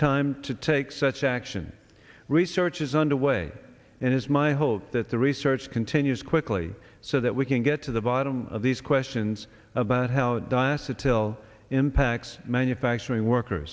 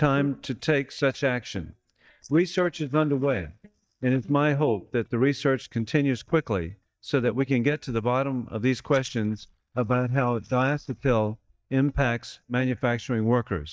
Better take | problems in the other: first | noise reduction (neural mask model DeepFilterNet 3)

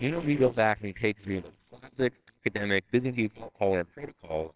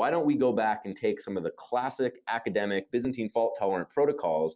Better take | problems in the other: second | noise reduction (neural separator model SepFormer WHAMR!)

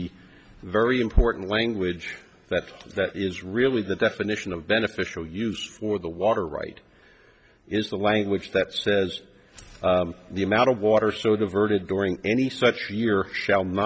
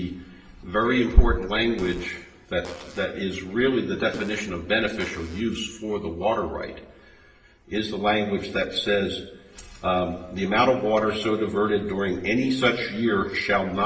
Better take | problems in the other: first | background sound (Fart); 19 dB below the speech // room echo; dies away in 0.8 s

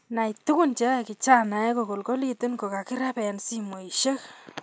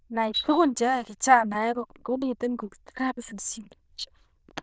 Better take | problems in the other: first | noise reduction (neural diffusion model UNIVERSE++)

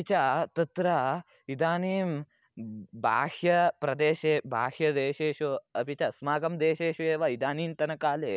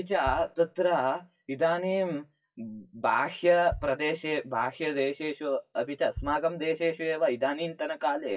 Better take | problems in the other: first | noise reduction (classical method WPE with log-MMSE)

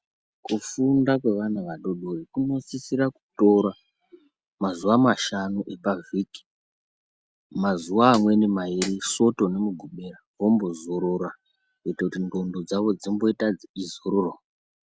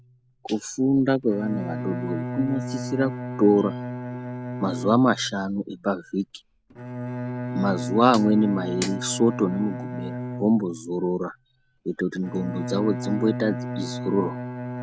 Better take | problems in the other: first | background sound (Bowed string instrument); 8 dB below the speech

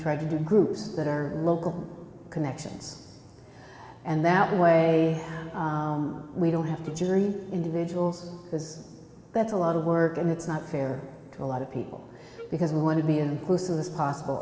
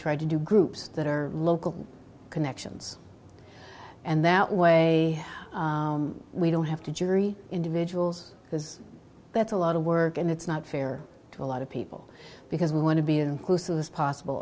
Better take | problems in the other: second | background sound (Wind instrument, woodwind instrument); 19 dB below the speech // room echo; dies away in 2.4 s

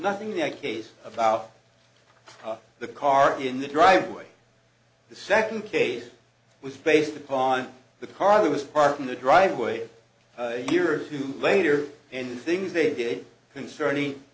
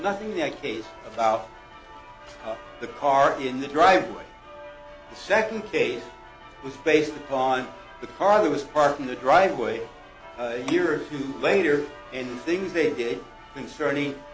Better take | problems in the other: first | background sound (Church bell); 19 dB below the speech

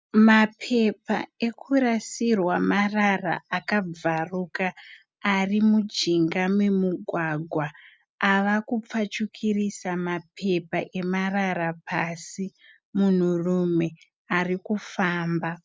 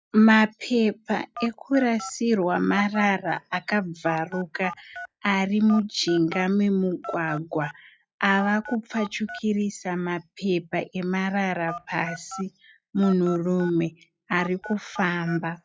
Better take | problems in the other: first | noise reduction (classical method log-MMSE)

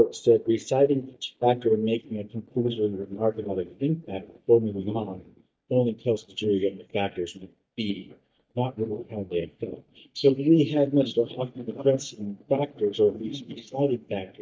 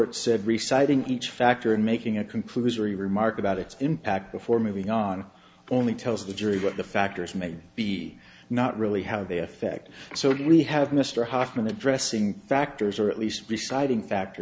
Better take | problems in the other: second | noise reduction (neural mask model DeepFilterNet 3)

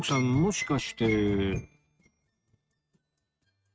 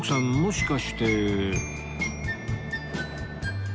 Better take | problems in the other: second | noise reduction (neural mask model RNNoise)

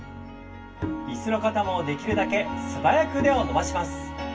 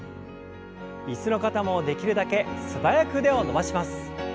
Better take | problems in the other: second | background sound (Bowed string instrument); 10 dB below the speech // room echo; dies away in 0.2 s

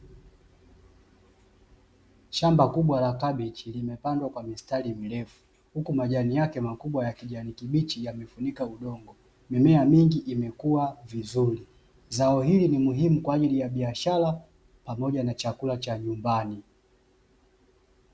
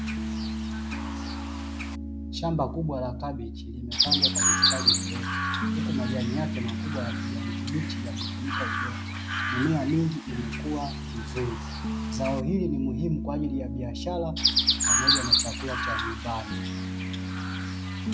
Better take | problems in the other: first | background sound (Chirp, tweet + Piano); 5 dB above the speech

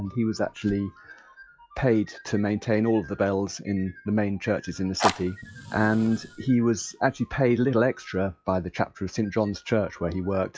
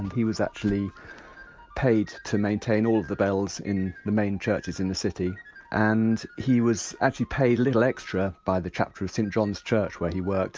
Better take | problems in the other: second | noise reduction (classical method log-MMSE)

